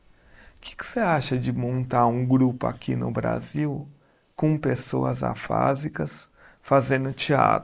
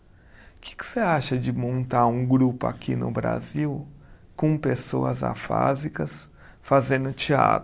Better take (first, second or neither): second